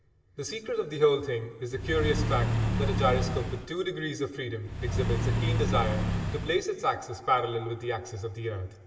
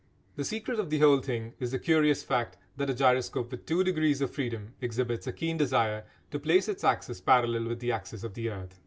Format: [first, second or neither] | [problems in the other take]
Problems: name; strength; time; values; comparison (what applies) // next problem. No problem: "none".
second | background sound (Accelerating, revving, vroom / Car); 2 dB above the speech // room echo; dies away in 2.6 s